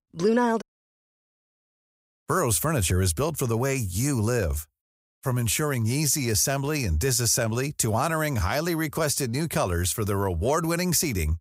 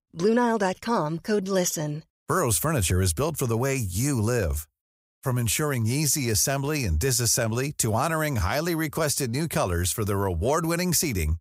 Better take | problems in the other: second | audio cutting out; at 0.5 s for 1.5 s

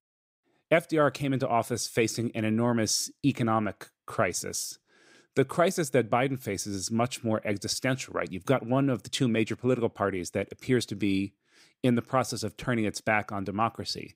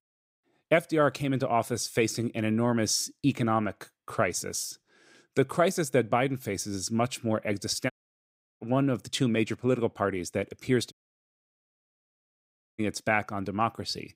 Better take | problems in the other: first | audio cutting out; at 8 s for 0.5 s and at 11 s for 2 s

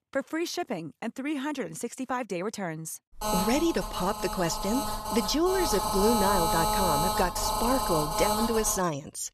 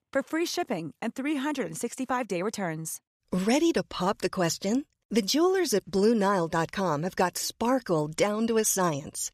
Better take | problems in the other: second | phone ringing; loud; from 3 to 9 s; peak 4 dB above the speech

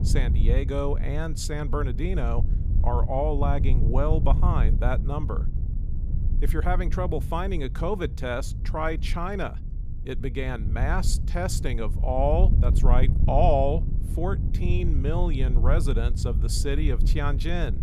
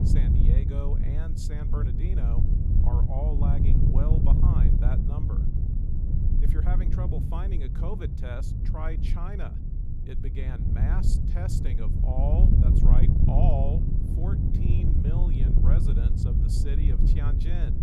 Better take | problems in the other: first | wind noise on the microphone; heavy; 1 dB above the speech; occasional gusts in the first

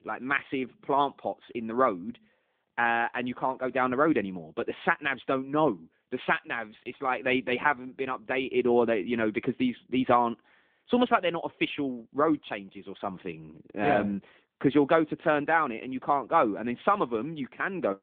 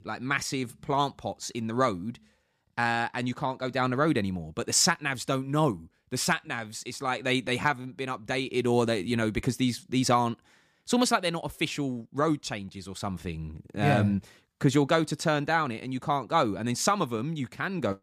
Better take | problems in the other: second | phone-call audio

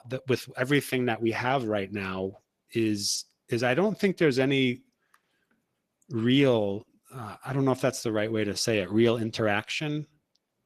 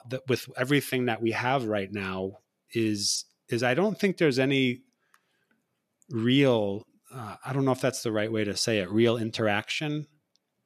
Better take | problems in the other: second | garbled, watery; slightly; nothing above 14 kHz

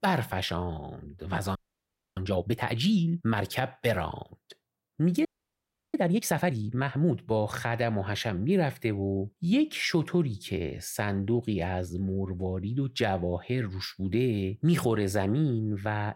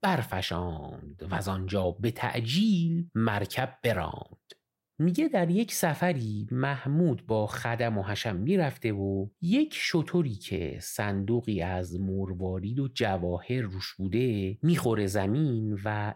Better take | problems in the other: second | audio freezing; at 1.5 s for 0.5 s and at 5.5 s for 0.5 s

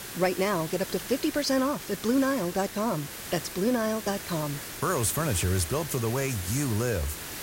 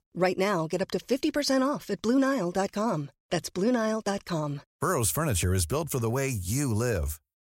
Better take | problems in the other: second | hiss; loud; throughout; 9 dB below the speech

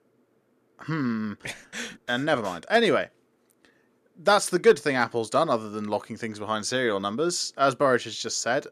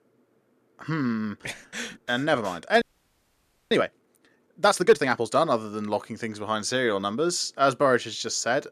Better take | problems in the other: first | audio freezing; at 3 s for 1 s

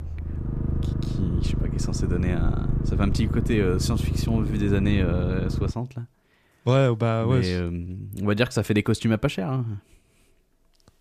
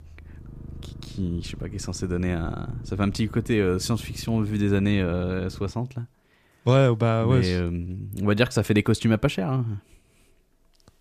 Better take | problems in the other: second | low rumble; loud; until 5.5 s; 8 dB below the speech; faint in the second

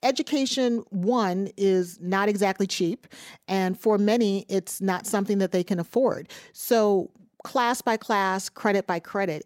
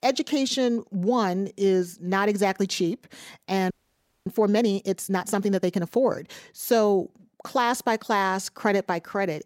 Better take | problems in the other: first | audio freezing; at 3.5 s for 0.5 s

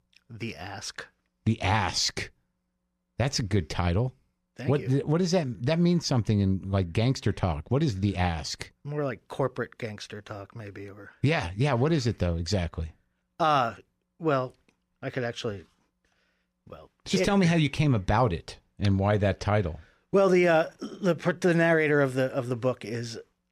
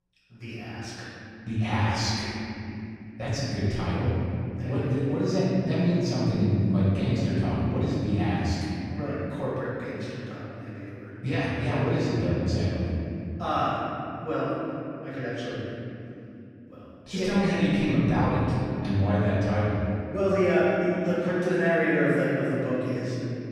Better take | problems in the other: first | room echo; strong; dies away in 3 s // off-mic speech; far

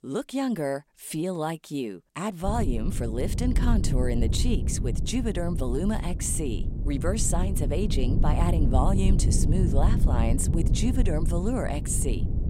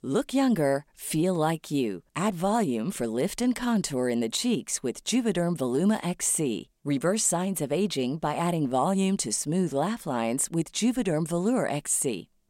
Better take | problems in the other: second | low rumble; loud; from 2.5 s on; 8 dB below the speech

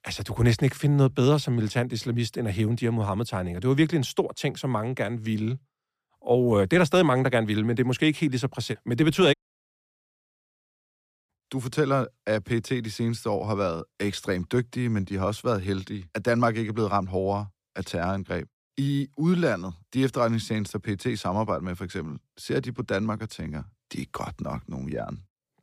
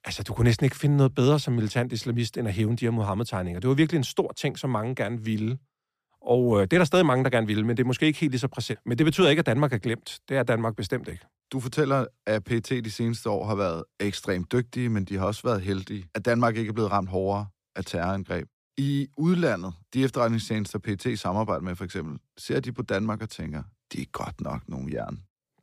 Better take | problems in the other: second | audio cutting out; at 9.5 s for 2 s

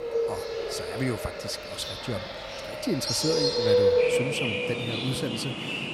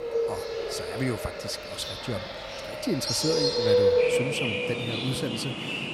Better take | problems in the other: neither | animal sounds; very loud; throughout; 5 dB above the speech; the same in both

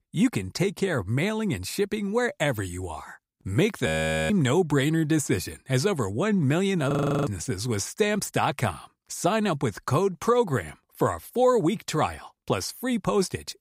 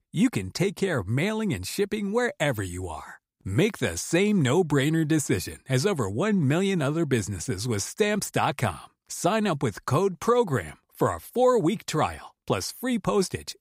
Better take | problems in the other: second | audio freezing; at 4 s and at 7 s

